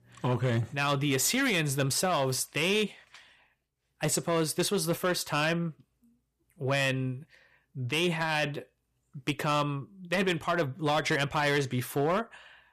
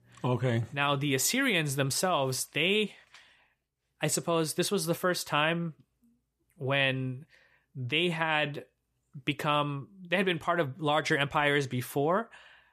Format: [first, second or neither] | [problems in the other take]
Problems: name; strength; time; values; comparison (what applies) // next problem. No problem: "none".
second | distortion; slight; 5% of the sound clipped